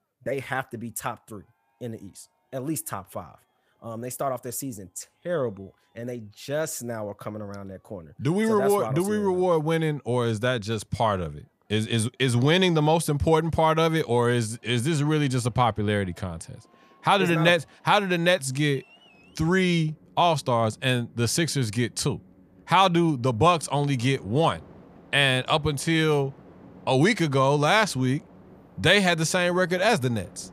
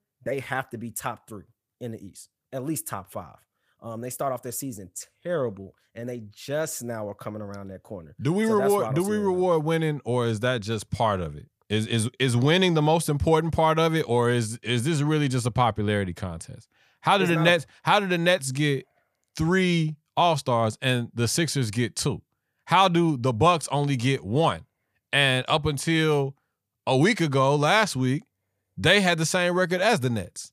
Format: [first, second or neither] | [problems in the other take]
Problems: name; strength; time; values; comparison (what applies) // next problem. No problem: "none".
second | train or aircraft noise; faint; throughout; 30 dB below the speech